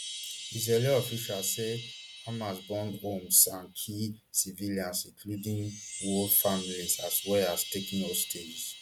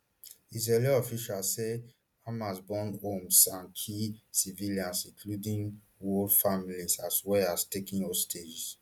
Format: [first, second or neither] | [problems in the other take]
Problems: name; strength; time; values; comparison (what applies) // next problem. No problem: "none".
second | background sound (Chime); 11 dB below the speech